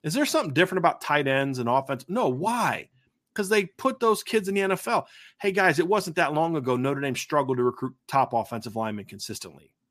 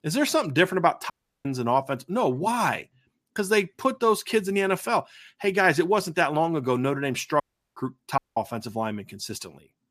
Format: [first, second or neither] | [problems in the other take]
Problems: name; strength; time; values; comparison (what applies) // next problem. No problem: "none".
first | audio cutting out; at 1 s, at 7.5 s and at 8 s